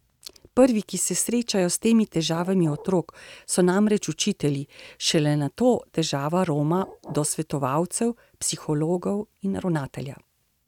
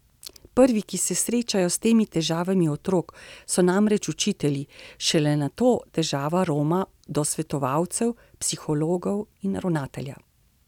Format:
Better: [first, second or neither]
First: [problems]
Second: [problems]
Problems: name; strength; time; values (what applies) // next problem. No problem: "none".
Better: second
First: noise reduction (neural mask model RNNoise)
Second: none